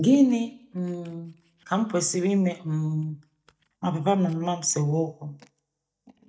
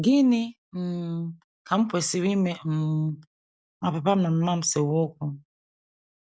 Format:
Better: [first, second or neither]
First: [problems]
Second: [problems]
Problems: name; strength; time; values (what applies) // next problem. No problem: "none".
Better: second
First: noise reduction (neural mask model DeepFilterNet 3)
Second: none